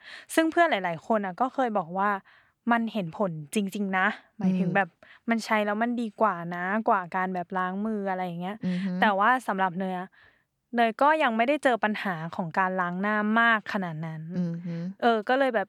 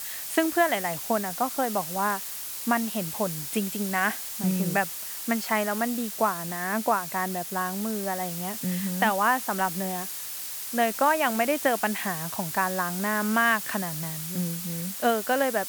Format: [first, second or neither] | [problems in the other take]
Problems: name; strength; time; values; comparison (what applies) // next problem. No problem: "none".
first | hiss; loud; throughout; 5 dB below the speech